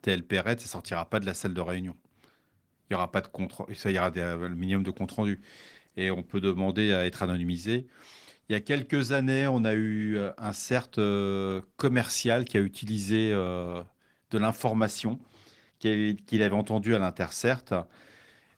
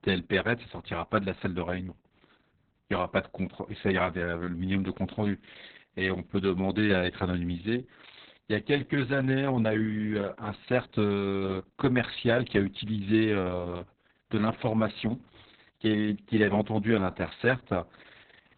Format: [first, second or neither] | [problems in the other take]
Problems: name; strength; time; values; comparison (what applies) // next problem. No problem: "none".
first | garbled, watery; badly; nothing above 4 kHz; slightly in the first